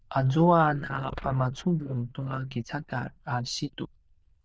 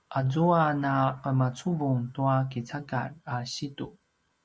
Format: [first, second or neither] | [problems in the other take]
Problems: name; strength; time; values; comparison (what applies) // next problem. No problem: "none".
second | noise reduction (neural diffusion model UNIVERSE++)